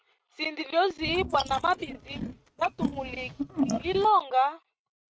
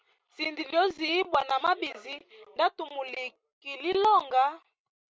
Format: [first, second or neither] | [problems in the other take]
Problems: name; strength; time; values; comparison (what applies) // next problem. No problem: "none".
second | noise reduction (neural mask model RNNoise)